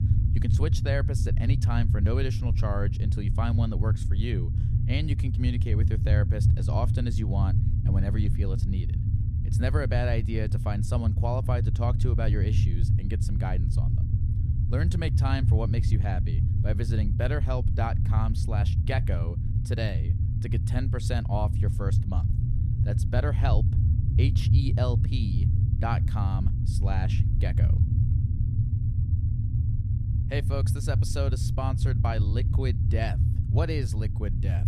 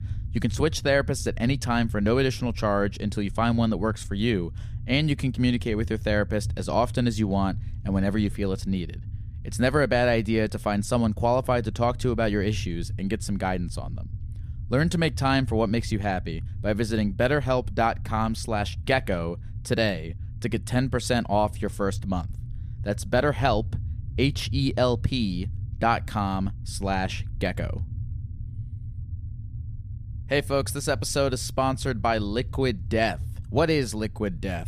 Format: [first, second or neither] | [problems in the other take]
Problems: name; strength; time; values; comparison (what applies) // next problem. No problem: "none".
second | low rumble; loud; throughout; 4 dB below the speech; faint in the second